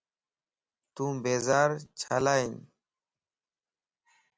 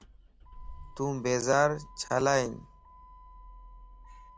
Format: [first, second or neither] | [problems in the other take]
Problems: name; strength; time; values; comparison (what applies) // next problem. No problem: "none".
first | background sound (Motor vehicle (road)); 17 dB below the speech